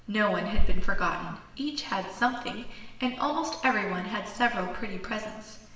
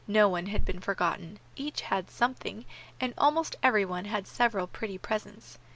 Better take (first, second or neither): second